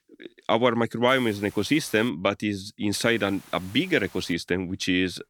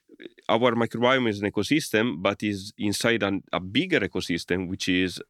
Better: second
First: hiss; faint; from 1 to 2 s and from 3 to 4.5 s; 25 dB below the speech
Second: none

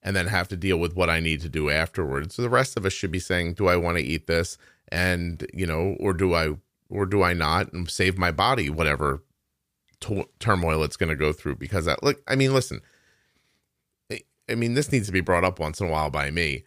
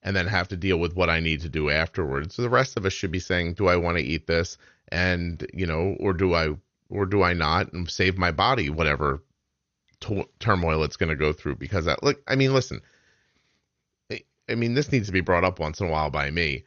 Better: first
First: none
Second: garbled, watery; slightly; nothing above 6.5 kHz

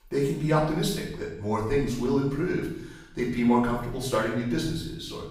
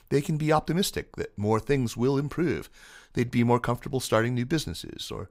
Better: second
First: room echo; noticeable; dies away in 0.7 s // off-mic speech; far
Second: none

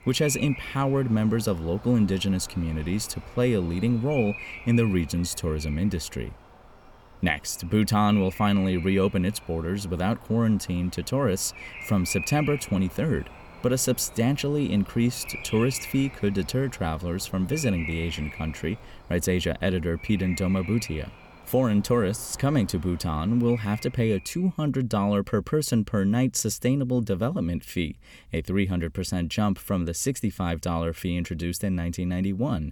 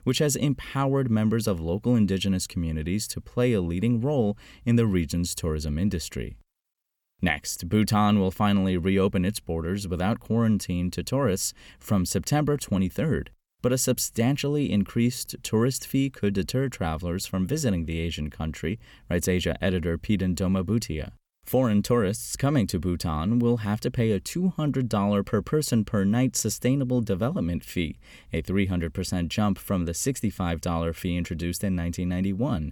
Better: second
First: animal sounds; noticeable; until 24 s; 15 dB below the speech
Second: none

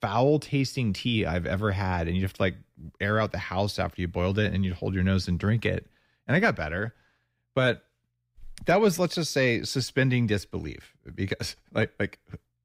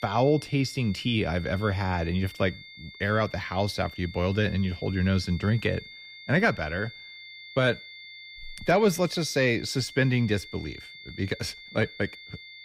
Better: first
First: none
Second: high-pitched whine; noticeable; throughout; 2 kHz, 15 dB below the speech

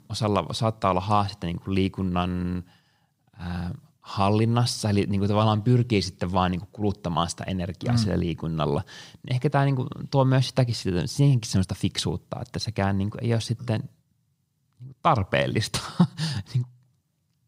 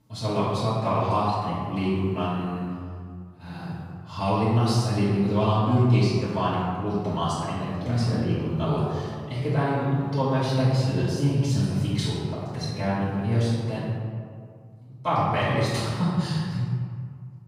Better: first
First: none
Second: off-mic speech; far // room echo; strong; dies away in 1.8 s

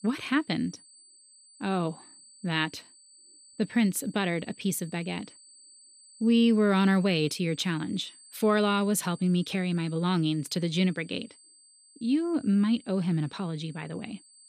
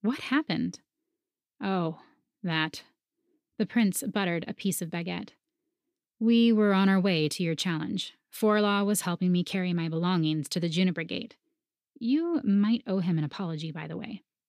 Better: second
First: high-pitched whine; faint; throughout; 8 kHz, 25 dB below the speech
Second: none

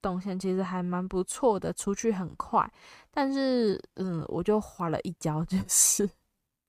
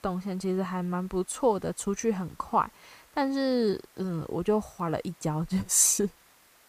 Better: first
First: none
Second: hiss; faint; throughout; 30 dB below the speech

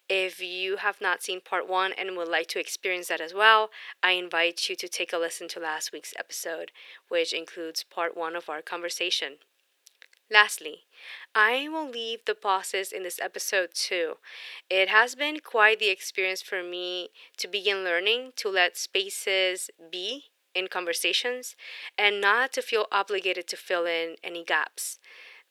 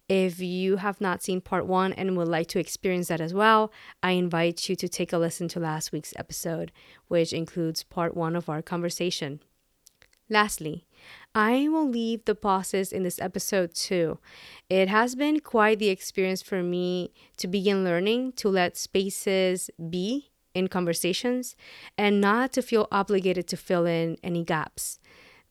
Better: second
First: thin; very; fading below 400 Hz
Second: none

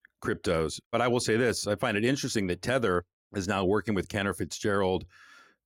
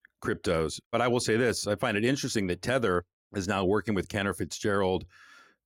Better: neither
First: none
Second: none

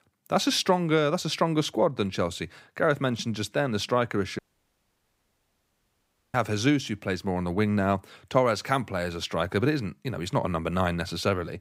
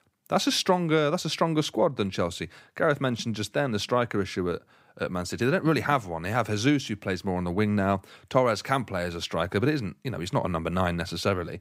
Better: second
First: audio cutting out; at 4.5 s for 2 s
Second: none

